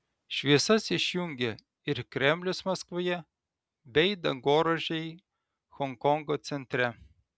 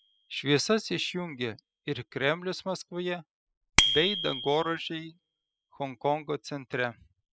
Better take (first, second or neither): first